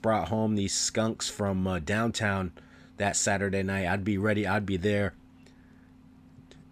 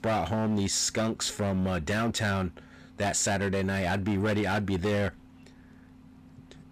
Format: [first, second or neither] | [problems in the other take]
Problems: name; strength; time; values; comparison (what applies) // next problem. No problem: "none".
first | distortion; slight; 14% of the sound clipped